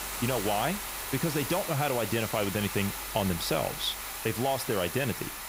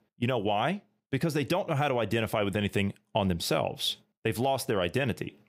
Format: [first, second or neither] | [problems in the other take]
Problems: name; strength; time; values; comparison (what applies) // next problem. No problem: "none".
second | hiss; loud; throughout; 4 dB below the speech